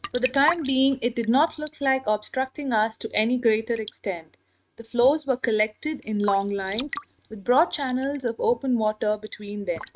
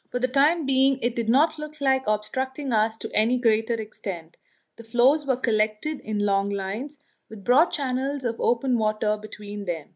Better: second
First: noise reduction (neural mask model RNNoise)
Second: none

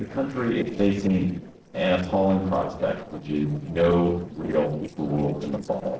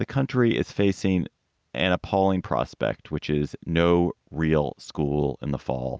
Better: second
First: noise reduction (neural separator model SepFormer DNS4)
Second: none

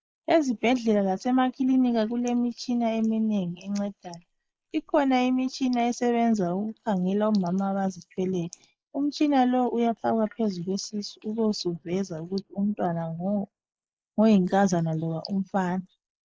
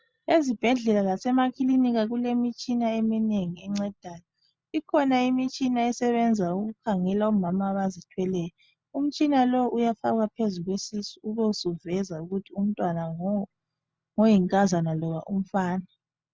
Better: second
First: noise reduction (neural mask model Resemble Enhance denoiser)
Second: none

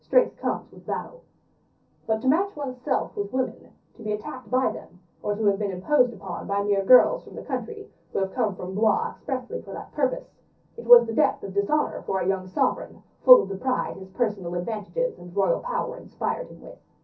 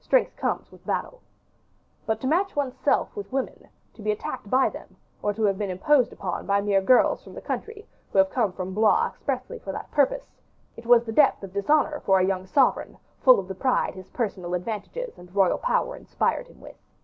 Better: second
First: room echo; dies away in 0.3 s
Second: none

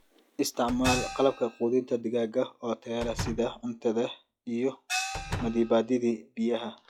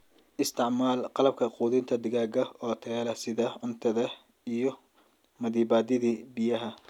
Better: second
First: noise reduction (classical method log-MMSE)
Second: none

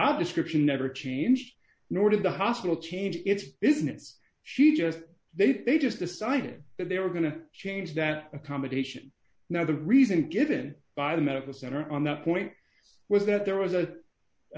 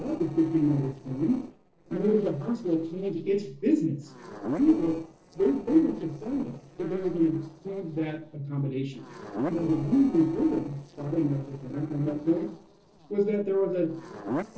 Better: first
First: none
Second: noise reduction (neural separator model SepFormer DNS4)

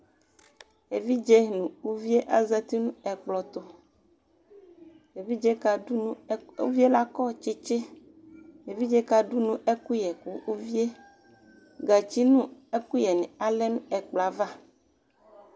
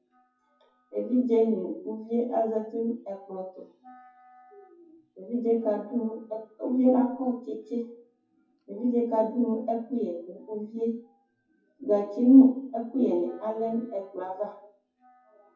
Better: first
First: none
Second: noise reduction (classical method WPE with log-MMSE)

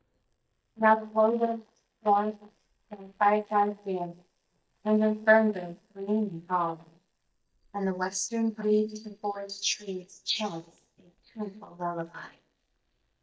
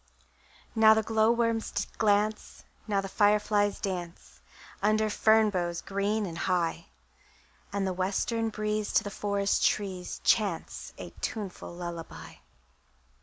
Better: second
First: noise reduction (neural mask model DeepFilterNet 3)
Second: none

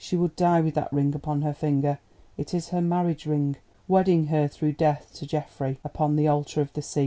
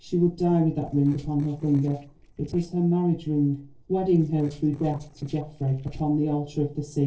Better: first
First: none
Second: noise reduction (neural separator model SepFormer DNS4)

